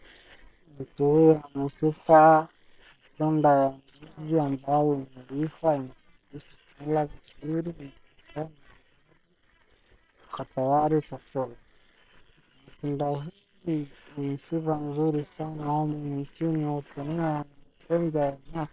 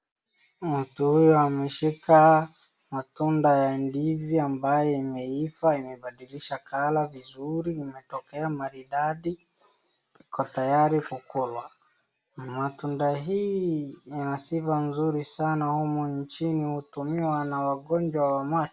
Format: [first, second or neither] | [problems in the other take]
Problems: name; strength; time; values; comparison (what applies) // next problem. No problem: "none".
second | noise reduction (neural separator model SepFormer WHAM!)